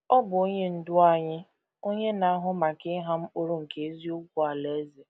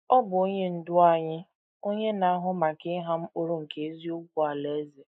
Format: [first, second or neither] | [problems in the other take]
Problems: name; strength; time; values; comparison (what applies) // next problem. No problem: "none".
first | noise reduction (neural mask model Resemble Enhance denoiser)